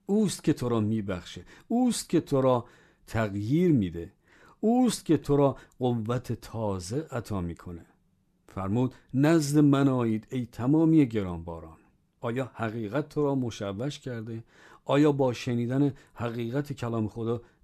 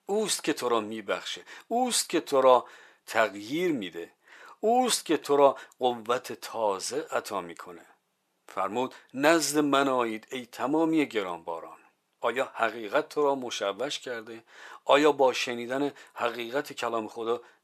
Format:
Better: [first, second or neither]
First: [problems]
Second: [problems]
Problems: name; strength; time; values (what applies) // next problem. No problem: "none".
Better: first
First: none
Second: thin; very; fading below 650 Hz